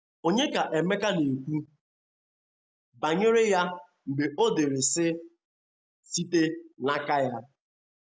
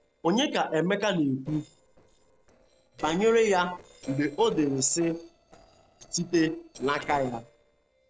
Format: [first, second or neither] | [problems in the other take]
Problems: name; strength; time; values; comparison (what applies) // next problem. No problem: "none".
first | noise reduction (neural separator model SepFormer DNS4)